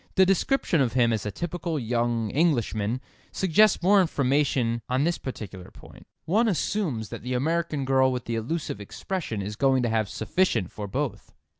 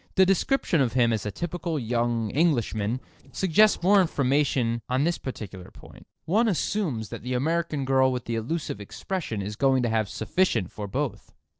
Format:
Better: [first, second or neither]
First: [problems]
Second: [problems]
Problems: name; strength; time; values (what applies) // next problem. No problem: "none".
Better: first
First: none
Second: noise reduction (neural separator model SepFormer DNS4)